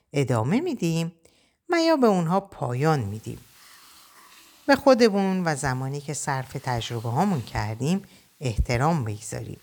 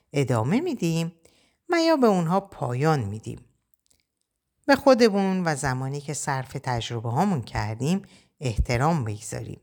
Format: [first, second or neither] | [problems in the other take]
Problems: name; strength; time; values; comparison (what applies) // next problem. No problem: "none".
second | hiss; faint; from 3 s on; 25 dB below the speech